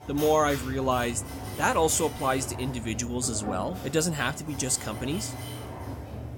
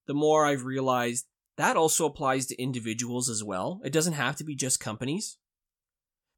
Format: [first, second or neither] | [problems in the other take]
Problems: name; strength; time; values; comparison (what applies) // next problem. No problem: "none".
second | machinery noise; loud; throughout; 10 dB below the speech